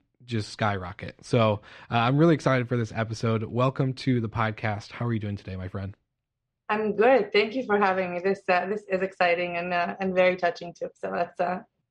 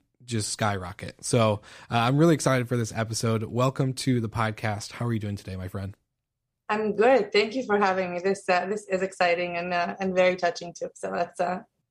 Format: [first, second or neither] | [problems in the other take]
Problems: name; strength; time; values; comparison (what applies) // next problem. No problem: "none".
second | muffled; very slightly; fading above 3 kHz